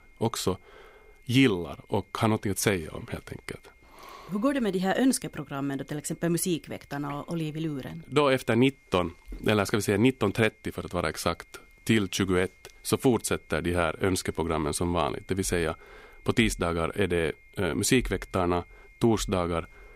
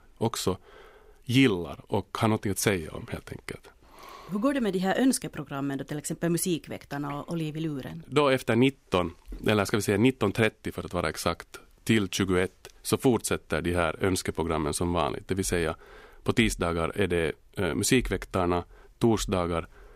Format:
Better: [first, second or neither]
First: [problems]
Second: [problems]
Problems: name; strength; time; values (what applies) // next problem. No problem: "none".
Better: second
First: high-pitched whine; faint; throughout; 2 kHz, 30 dB below the speech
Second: none